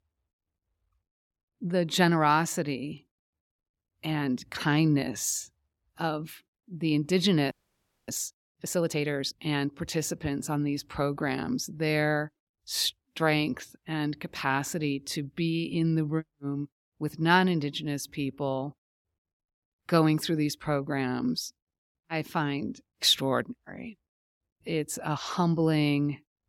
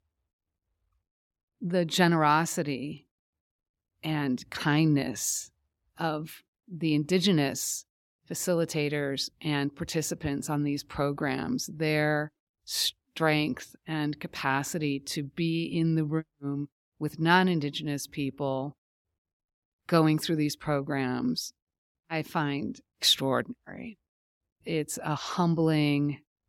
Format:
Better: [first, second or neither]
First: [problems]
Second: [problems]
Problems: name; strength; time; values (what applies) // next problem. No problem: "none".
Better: second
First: audio freezing; at 7.5 s for 0.5 s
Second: none